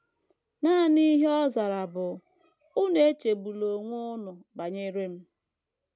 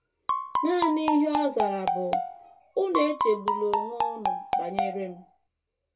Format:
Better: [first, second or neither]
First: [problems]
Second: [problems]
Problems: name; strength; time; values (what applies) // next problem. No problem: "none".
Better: first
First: none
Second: background sound (Marimba, xylophone); as loud as the speech // room echo; dies away in 0.2 s